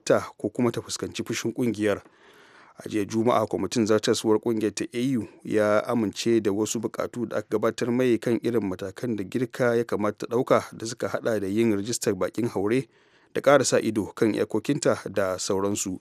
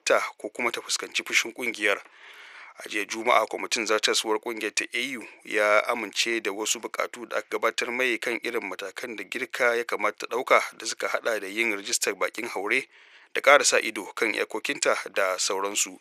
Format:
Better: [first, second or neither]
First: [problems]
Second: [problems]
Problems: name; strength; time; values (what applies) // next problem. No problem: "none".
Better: first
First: none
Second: thin; very; fading below 650 Hz